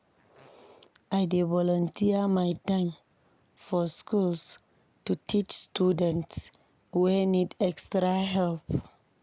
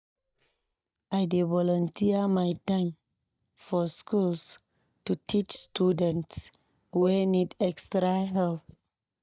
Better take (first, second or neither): first